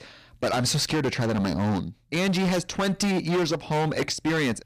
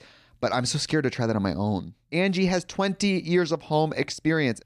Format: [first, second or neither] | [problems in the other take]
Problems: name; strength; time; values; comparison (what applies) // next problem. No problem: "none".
second | distortion; heavy; 24% of the sound clipped